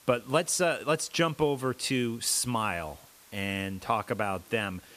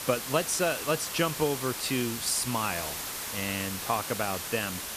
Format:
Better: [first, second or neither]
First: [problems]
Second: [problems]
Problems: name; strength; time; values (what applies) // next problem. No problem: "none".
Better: first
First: hiss; faint; throughout; 25 dB below the speech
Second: hiss; loud; throughout; 4 dB below the speech